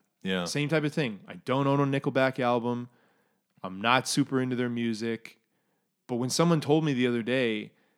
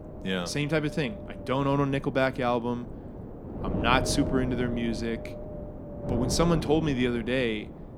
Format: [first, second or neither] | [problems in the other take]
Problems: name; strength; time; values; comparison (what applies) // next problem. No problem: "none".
first | wind noise on the microphone; occasional gusts; 10 dB below the speech